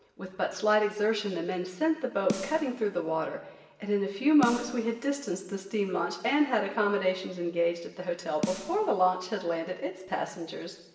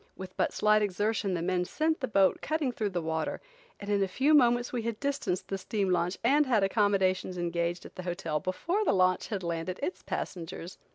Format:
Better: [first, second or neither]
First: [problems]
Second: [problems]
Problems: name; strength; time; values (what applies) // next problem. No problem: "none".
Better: second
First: background sound (Snare drum); 12 dB below the speech // room echo; dies away in 1.1 s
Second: none